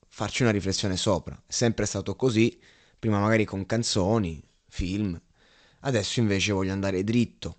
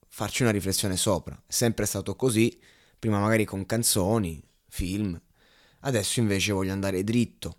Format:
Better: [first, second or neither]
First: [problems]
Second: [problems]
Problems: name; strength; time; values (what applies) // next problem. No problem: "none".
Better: second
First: garbled, watery; slightly; nothing above 8 kHz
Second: none